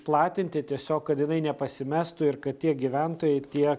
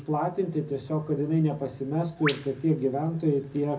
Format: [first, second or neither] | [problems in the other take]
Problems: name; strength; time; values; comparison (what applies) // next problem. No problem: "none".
first | background sound (Bird vocalization, bird call, bird song); 15 dB below the speech // room echo; dies away in 0.4 s